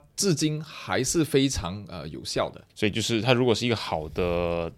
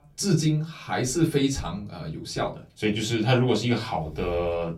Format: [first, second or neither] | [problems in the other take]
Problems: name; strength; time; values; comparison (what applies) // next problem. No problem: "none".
first | off-mic speech; far // room echo; very slight; dies away in 0.2 s